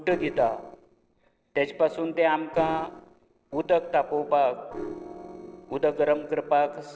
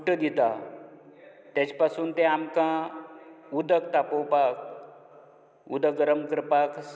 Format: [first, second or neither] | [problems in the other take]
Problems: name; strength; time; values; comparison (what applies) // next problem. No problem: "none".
second | noise reduction (neural separator model SepFormer DNS4)